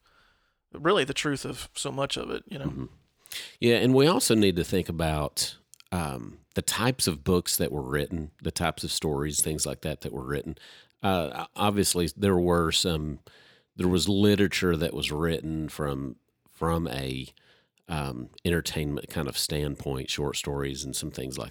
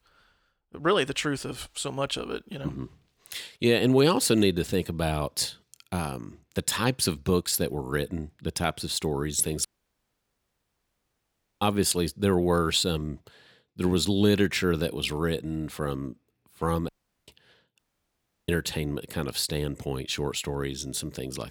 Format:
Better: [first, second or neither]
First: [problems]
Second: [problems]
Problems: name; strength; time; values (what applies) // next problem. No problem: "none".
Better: first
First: none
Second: audio cutting out; at 9.5 s for 2 s, at 17 s and at 18 s for 0.5 s